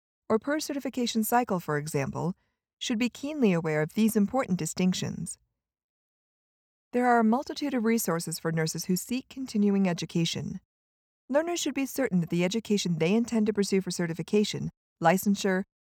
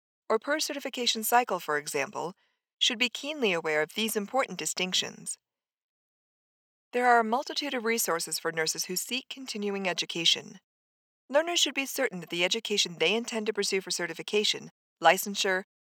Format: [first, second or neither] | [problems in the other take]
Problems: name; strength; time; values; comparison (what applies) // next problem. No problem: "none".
first | thin; somewhat; fading below 450 Hz